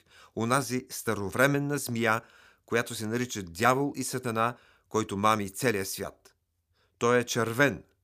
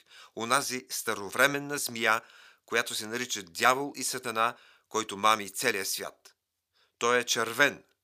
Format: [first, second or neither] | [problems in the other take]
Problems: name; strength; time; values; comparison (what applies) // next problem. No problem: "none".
first | thin; somewhat; fading below 700 Hz